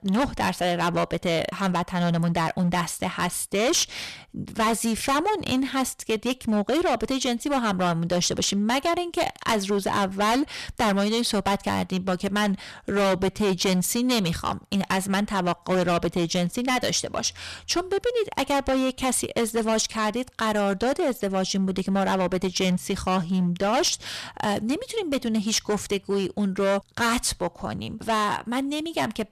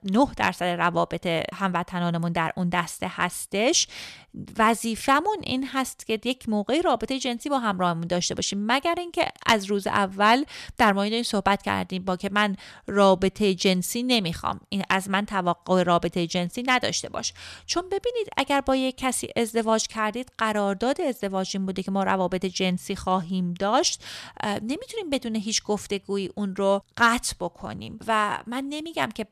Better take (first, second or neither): second